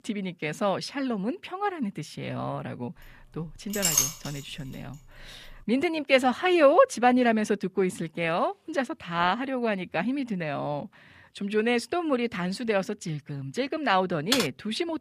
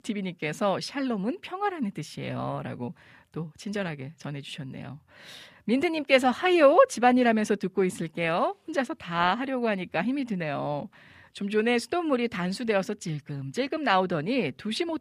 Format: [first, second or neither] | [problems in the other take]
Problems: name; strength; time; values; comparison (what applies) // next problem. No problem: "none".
second | clattering dishes; loud; at 3.5 s; peak 4 dB above the speech // keyboard typing; noticeable; at 14 s; peak level with the speech